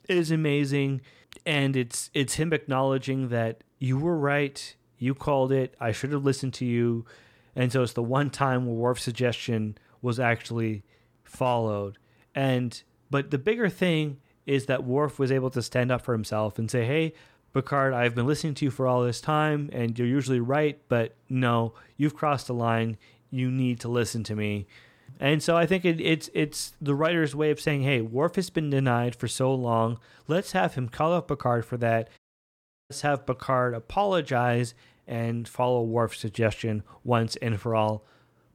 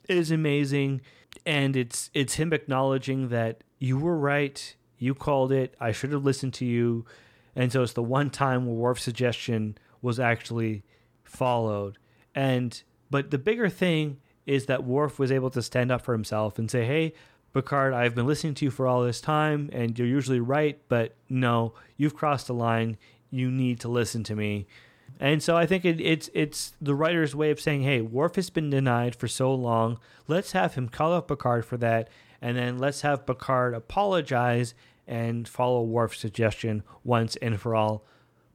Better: second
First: audio cutting out; at 32 s for 0.5 s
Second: none

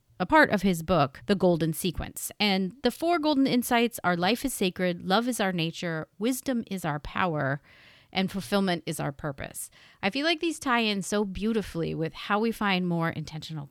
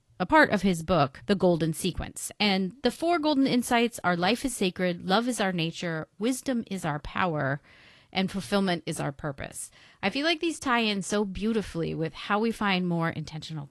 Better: first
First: none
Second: garbled, watery; slightly; nothing above 11.5 kHz

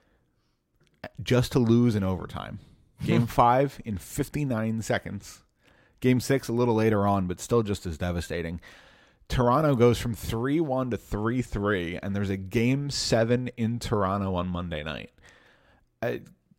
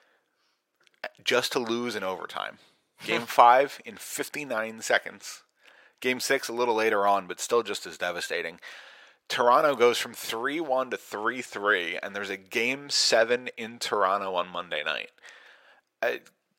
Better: first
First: none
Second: thin; very; fading below 600 Hz

